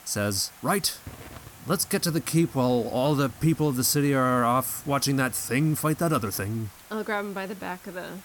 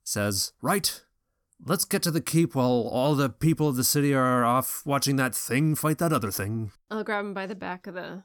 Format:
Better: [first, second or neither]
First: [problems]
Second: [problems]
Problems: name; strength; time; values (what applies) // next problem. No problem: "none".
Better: second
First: hiss; faint; throughout; 20 dB below the speech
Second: none